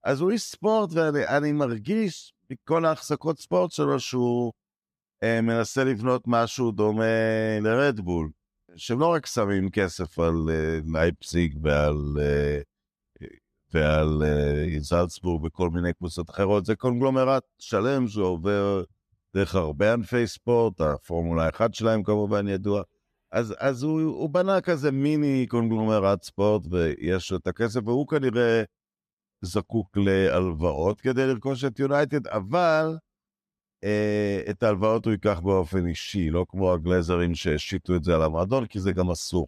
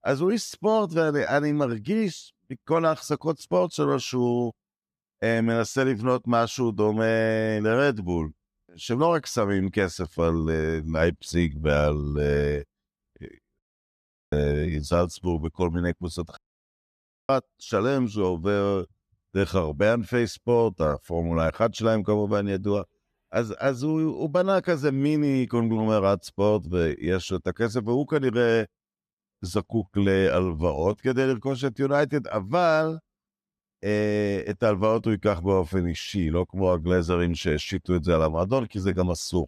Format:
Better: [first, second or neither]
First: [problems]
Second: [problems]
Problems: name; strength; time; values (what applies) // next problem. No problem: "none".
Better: first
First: none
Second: audio cutting out; at 14 s for 0.5 s and at 16 s for 1 s